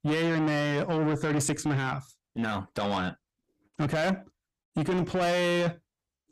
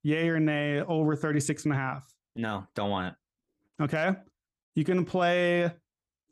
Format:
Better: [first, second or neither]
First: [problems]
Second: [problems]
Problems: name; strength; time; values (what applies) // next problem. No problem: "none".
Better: second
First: distortion; heavy; 7 dB below the speech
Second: none